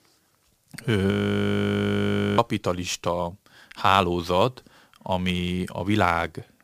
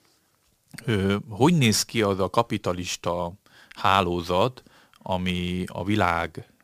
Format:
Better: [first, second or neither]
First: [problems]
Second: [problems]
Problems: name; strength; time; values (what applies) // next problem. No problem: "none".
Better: second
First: audio freezing; at 1 s for 1.5 s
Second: none